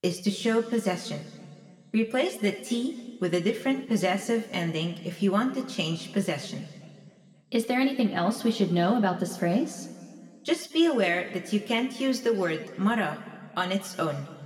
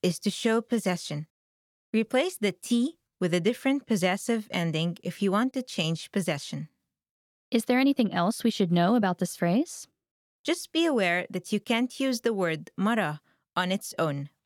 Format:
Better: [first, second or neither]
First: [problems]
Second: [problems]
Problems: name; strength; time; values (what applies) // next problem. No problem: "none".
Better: second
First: room echo; slight; dies away in 1.6 s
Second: none